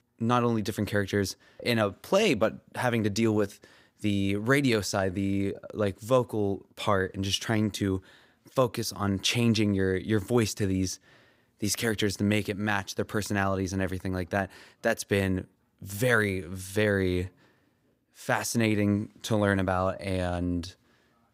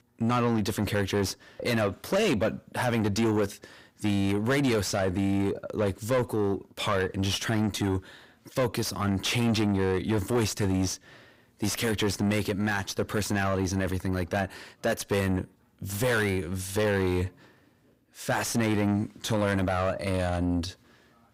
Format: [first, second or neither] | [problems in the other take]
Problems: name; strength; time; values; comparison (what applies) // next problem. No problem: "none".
first | distortion; heavy; 8 dB below the speech